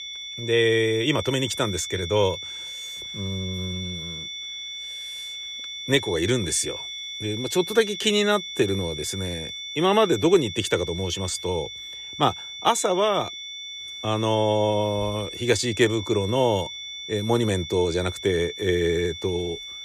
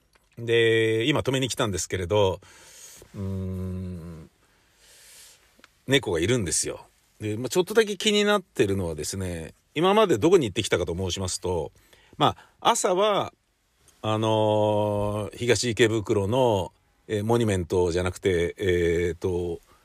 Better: second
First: high-pitched whine; loud; throughout; 3.5 kHz, 9 dB below the speech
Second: none

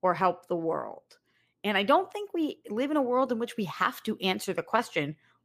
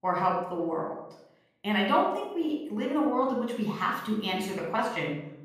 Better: first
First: none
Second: off-mic speech; somewhat distant // room echo; noticeable; dies away in 0.7 s

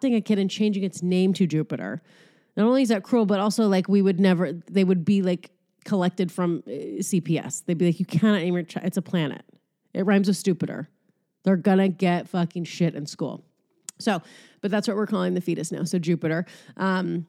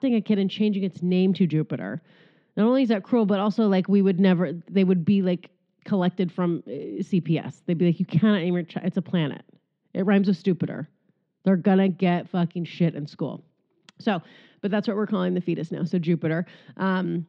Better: first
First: none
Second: muffled; slightly; fading above 3.5 kHz

